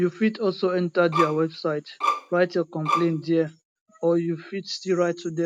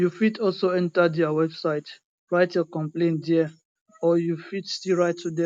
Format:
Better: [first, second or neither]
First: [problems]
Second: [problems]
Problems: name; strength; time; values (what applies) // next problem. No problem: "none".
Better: second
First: background sound (Bowed string instrument); 4 dB below the speech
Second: none